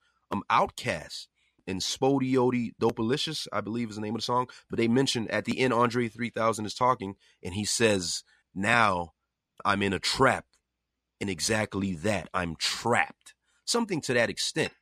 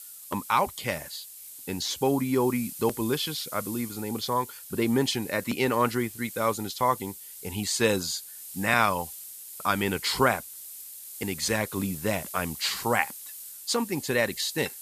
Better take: first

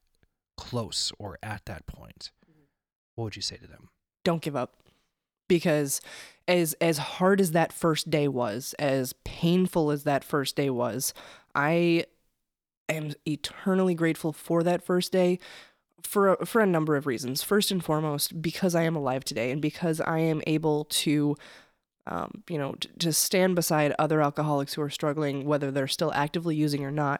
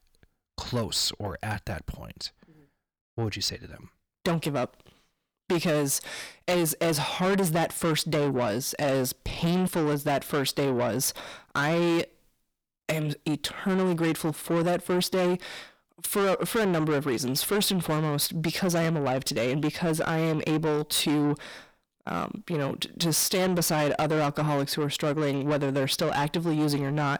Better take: first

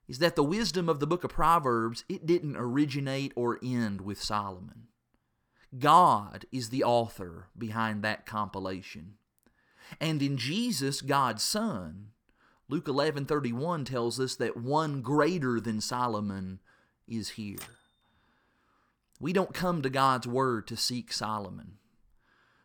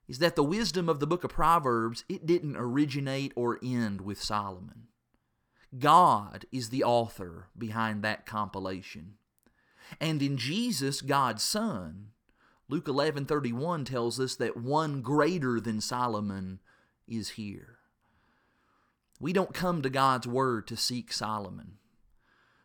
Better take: second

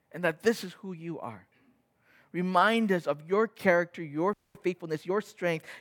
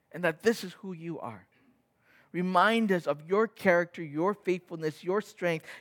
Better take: second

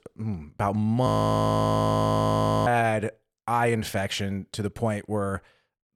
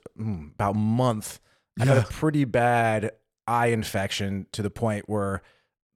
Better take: second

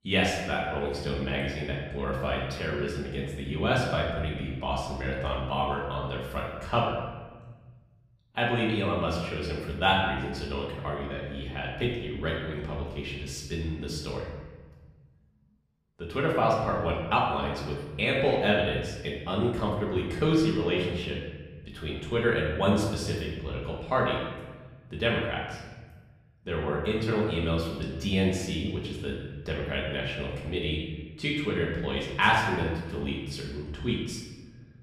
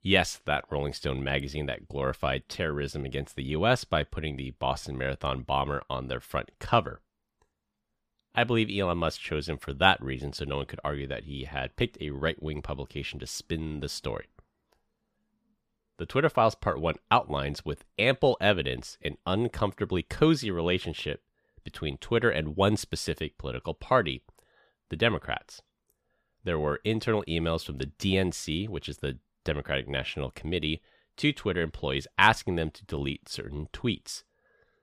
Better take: second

